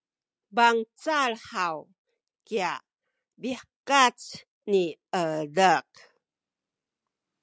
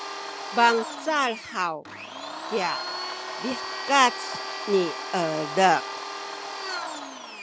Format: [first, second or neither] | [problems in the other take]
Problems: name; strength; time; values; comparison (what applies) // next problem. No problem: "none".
first | background sound (Domestic sounds, home sounds); 7 dB below the speech